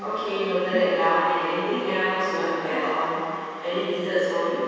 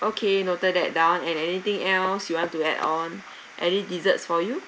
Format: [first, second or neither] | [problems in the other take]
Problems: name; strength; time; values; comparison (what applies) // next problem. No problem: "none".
second | background sound (Percussion); 15 dB below the speech // room echo; dies away in 2.2 s